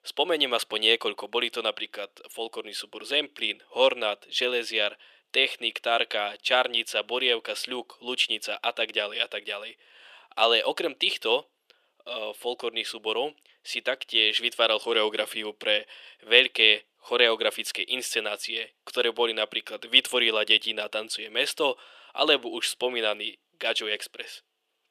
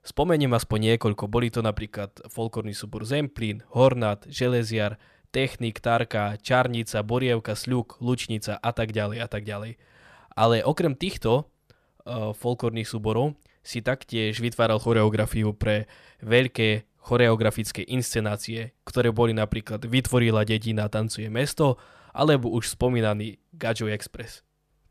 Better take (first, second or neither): second